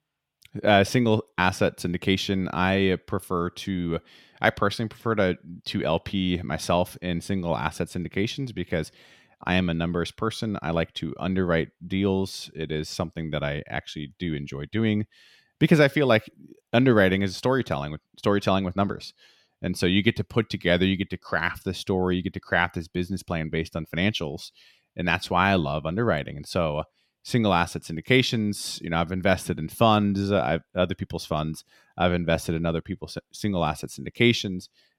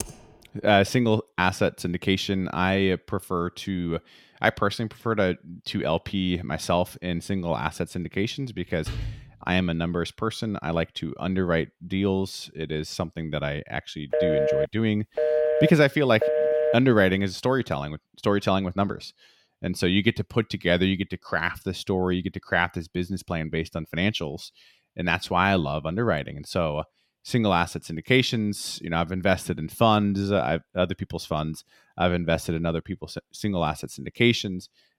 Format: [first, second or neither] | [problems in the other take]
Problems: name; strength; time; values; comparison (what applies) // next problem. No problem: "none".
first | keyboard typing; faint; at the start; peak 10 dB below the speech // door banging; noticeable; at 9 s; peak 8 dB below the speech // phone ringing; loud; from 14 to 17 s; peak 3 dB above the speech